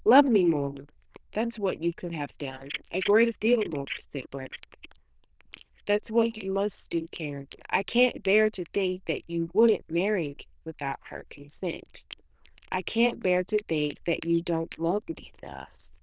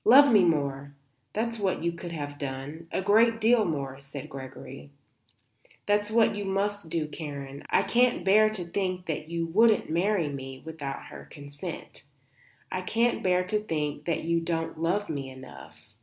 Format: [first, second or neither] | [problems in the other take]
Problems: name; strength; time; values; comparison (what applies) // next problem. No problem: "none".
second | noise reduction (neural diffusion model UNIVERSE++)